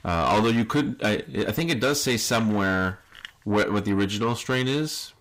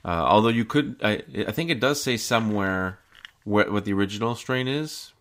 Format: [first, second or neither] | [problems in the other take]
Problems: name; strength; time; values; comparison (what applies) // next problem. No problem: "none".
second | distortion; heavy; 8 dB below the speech